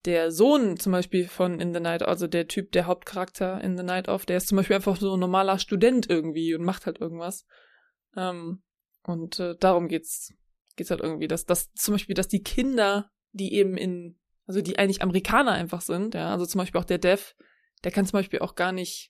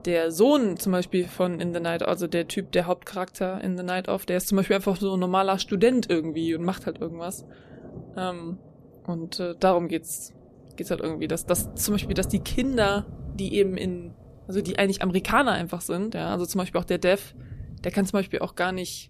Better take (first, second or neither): first